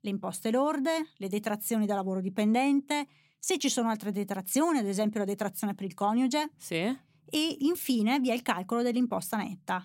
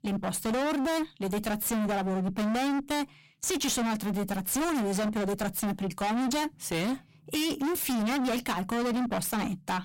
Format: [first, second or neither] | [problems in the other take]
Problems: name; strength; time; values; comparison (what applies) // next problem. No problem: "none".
first | distortion; heavy; 40% of the sound clipped